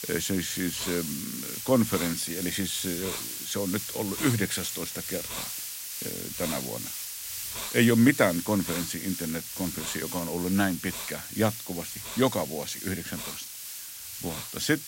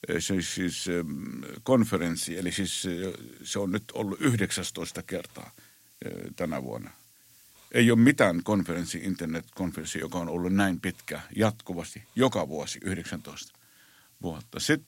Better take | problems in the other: second | hiss; loud; throughout; 5 dB below the speech; faint in the second

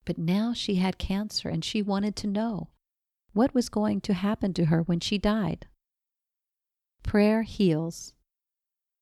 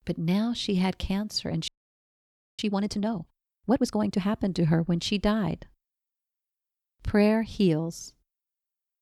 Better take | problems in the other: first | audio freezing; at 1.5 s for 1 s

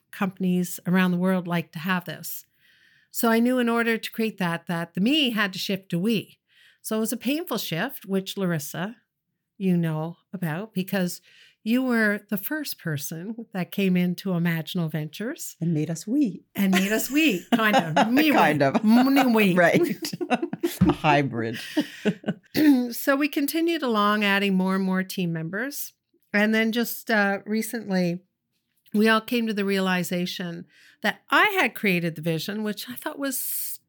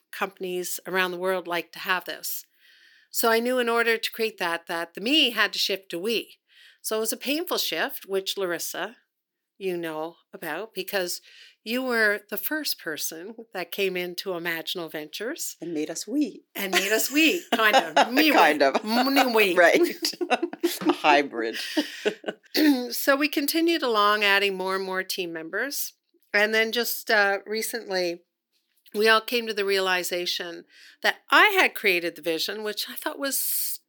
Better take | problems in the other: first | thin; somewhat; fading below 350 Hz

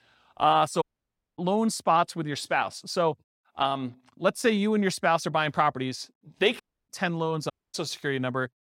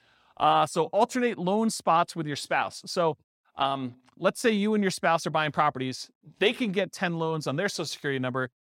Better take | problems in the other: second | audio cutting out; at 1 s for 0.5 s, at 6.5 s and at 7.5 s

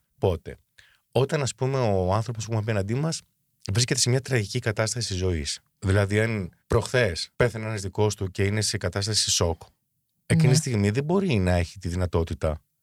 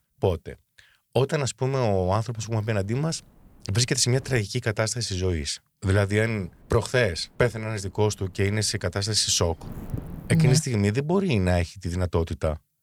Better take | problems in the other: first | wind noise on the microphone; occasional gusts; from 2.5 to 4.5 s and from 6 to 11 s; 25 dB below the speech

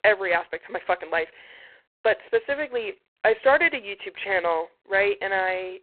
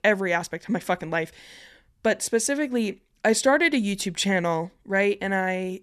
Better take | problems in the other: second | phone-call audio; poor line; nothing above 4 kHz

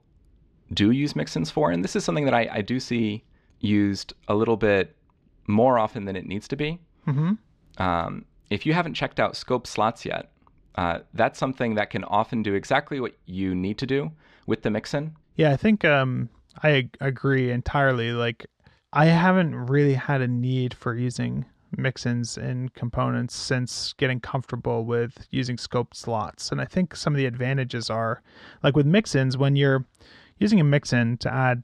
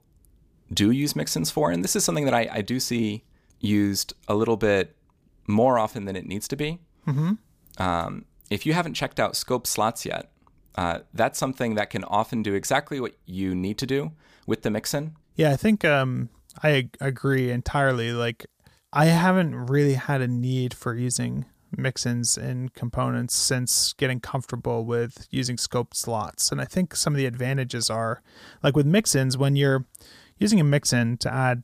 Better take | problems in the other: second | muffled; slightly; fading above 3 kHz

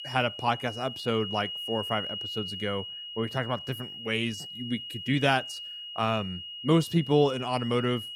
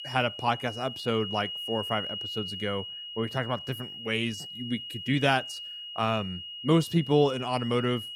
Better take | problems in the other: neither | high-pitched whine; loud; throughout; 3 kHz, 7 dB below the speech; the same in both

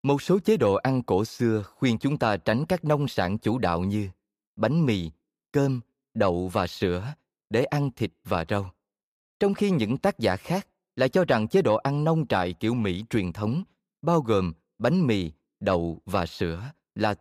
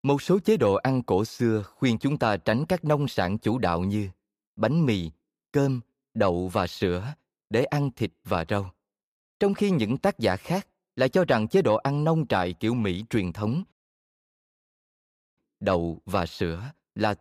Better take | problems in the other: first | audio cutting out; at 14 s for 1.5 s

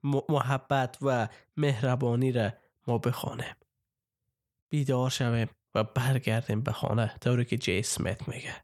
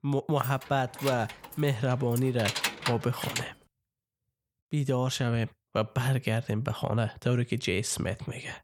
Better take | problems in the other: first | jangling keys; loud; until 3.5 s; peak 1 dB above the speech

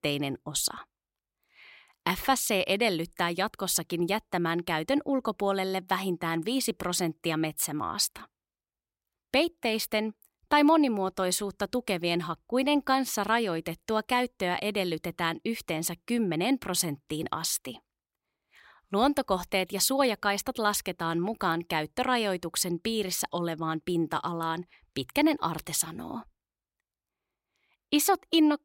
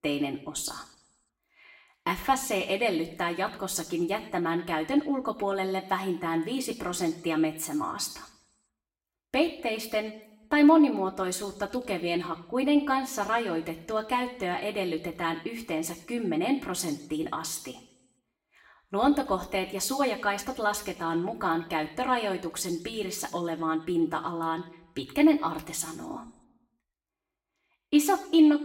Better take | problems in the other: first | room echo; very slight; dies away in 0.6 s // off-mic speech; somewhat distant

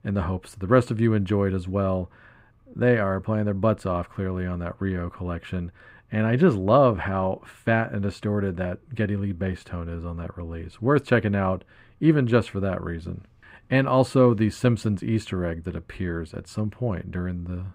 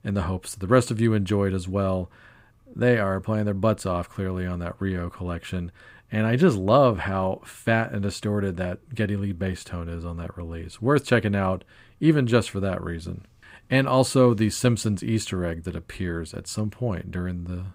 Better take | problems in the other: second | muffled; slightly; fading above 3.5 kHz

